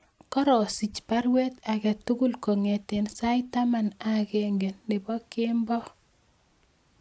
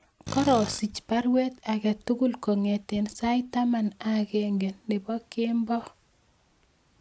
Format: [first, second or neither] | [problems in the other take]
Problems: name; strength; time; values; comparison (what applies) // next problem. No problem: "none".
first | background sound (Tools); 11 dB below the speech